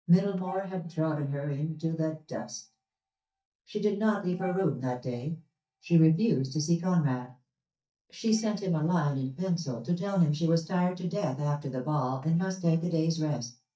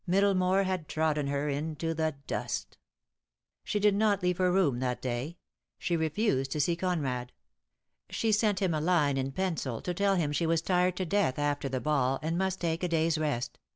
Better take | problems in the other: second | noise reduction (neural mask model DeepFilterNet 3)

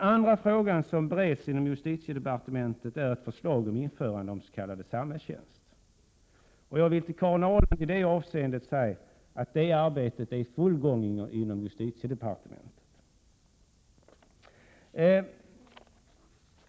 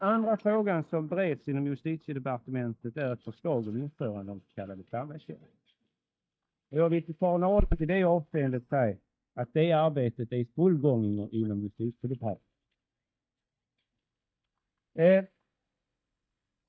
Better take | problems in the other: first | noise reduction (neural mask model DeepFilterNet 3)

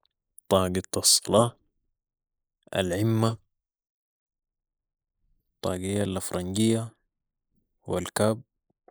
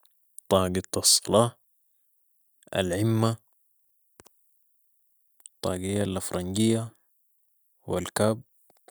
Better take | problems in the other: second | noise reduction (neural mask model Resemble Enhance denoiser)

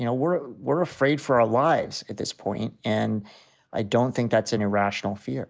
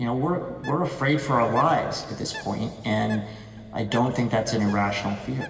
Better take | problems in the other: first | background sound (Bird); 19 dB below the speech // room echo; dies away in 2.5 s

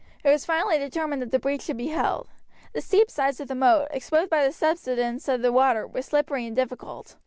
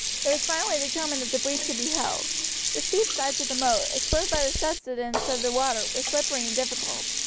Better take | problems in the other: first | background sound (Sink (filling or washing)); 1 dB above the speech

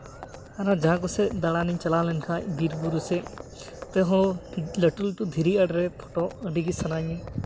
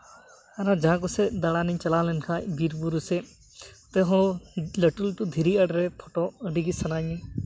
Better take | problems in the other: second | background sound (Livestock, farm animals, working animals); 15 dB below the speech

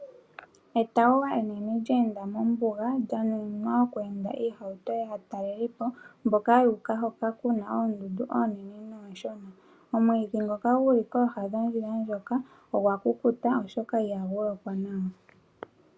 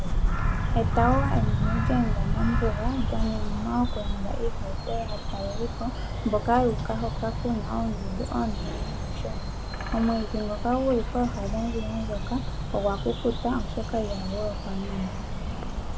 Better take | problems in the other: first | background sound (Bird vocalization, bird call, bird song); 1 dB above the speech

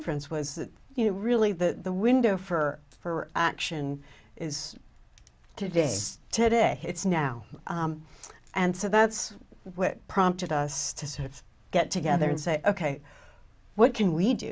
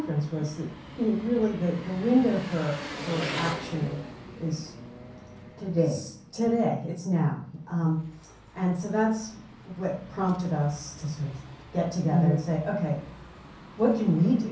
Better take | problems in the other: first | background sound (Engine); 14 dB below the speech // room echo; dies away in 0.6 s

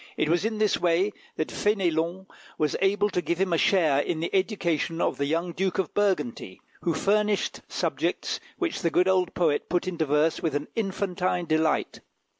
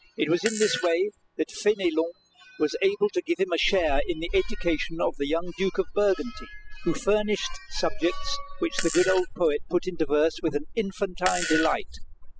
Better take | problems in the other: first | noise reduction (classical method spectral subtraction)

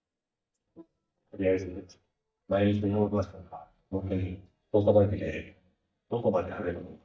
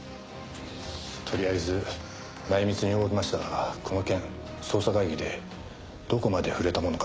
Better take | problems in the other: second | noise reduction (neural mask model DeepFilterNet 3)

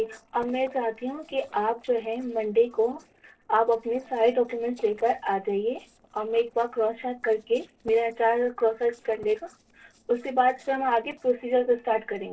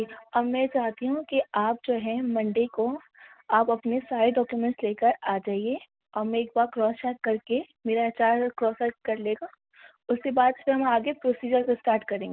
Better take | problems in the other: second | noise reduction (neural separator model SepFormer DNS4)

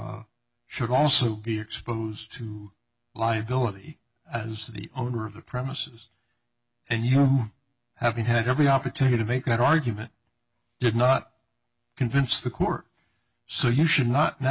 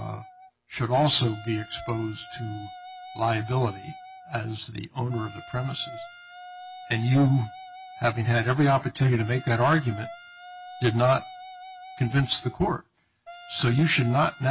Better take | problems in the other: first | background sound (Wind instrument, woodwind instrument); 17 dB below the speech

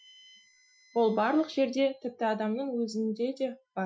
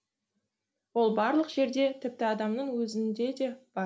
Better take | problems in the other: second | noise reduction (classical method Wiener filter)

